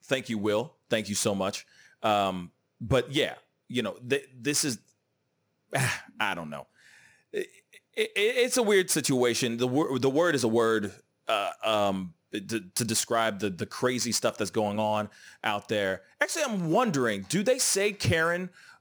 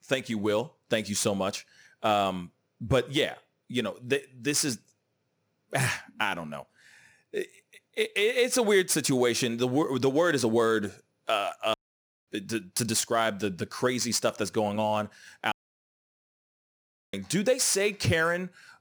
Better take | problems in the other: first | audio cutting out; at 12 s for 0.5 s and at 16 s for 1.5 s

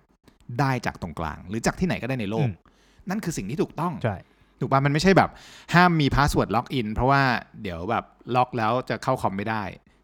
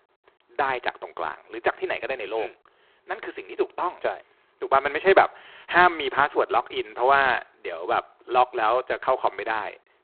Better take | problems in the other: first | phone-call audio; poor line; nothing above 4 kHz

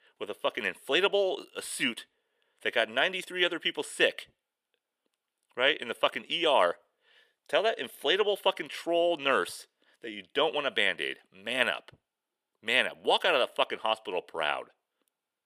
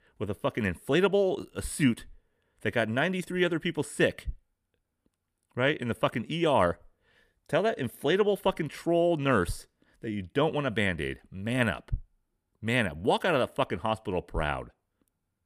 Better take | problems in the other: second | thin; somewhat; fading below 500 Hz

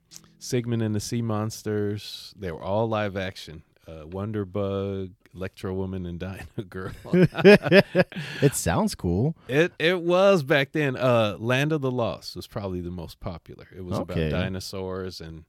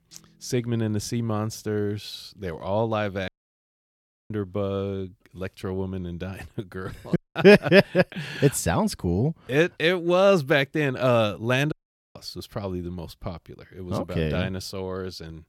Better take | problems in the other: first | audio cutting out; at 3.5 s for 1 s, at 7 s and at 12 s

